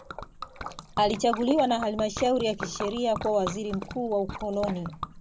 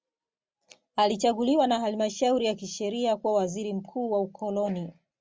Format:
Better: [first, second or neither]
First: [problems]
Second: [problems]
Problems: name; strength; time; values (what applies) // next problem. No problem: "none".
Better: second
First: background sound (Liquid); 10 dB below the speech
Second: none